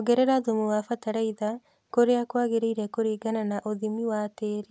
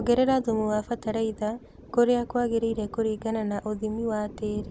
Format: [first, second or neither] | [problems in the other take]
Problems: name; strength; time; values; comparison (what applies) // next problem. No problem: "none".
first | background sound (Thunder); 14 dB below the speech